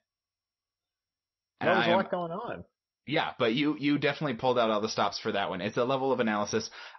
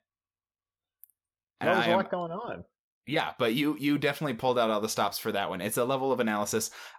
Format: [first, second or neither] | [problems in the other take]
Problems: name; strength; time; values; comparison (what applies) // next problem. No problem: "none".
second | garbled, watery; slightly; nothing above 6 kHz